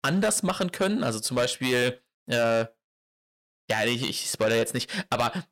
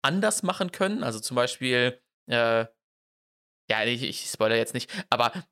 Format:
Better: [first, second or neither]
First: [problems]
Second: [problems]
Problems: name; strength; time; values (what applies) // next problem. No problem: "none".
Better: second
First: distortion; heavy; 8 dB below the speech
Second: none